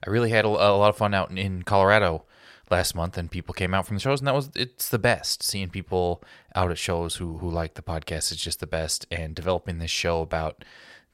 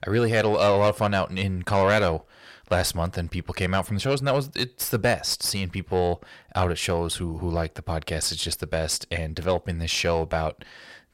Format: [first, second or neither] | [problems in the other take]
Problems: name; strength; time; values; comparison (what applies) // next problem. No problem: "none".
first | distortion; slight; 10 dB below the speech